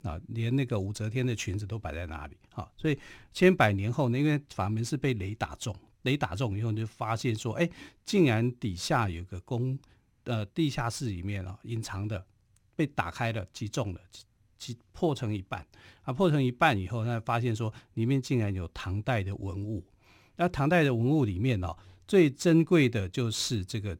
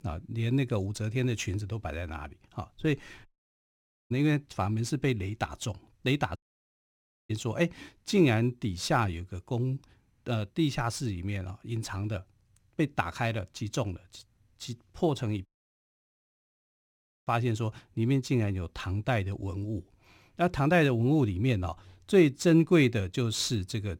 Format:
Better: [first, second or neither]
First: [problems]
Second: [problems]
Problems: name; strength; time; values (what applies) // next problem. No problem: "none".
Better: first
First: none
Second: audio cutting out; at 3.5 s for 1 s, at 6.5 s for 1 s and at 15 s for 2 s